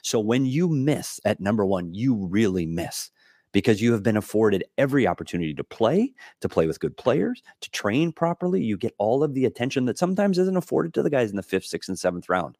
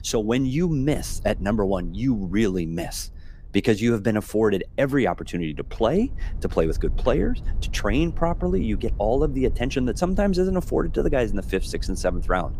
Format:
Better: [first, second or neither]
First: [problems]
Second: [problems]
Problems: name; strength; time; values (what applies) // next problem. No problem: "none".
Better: first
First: none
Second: low rumble; faint; throughout; 25 dB below the speech